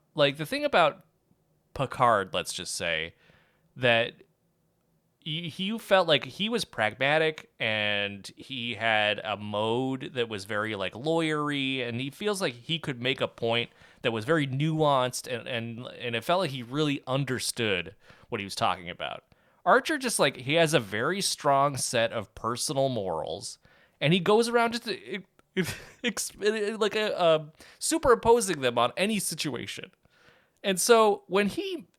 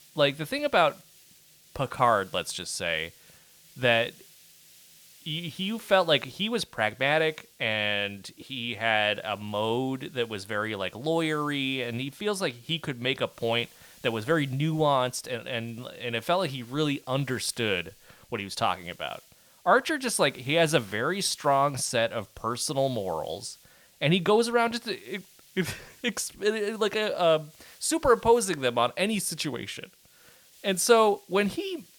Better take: first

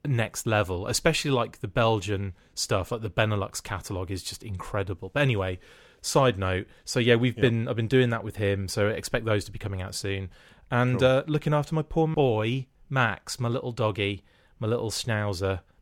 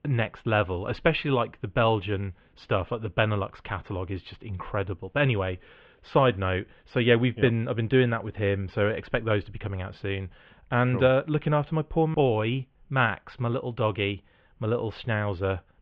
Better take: first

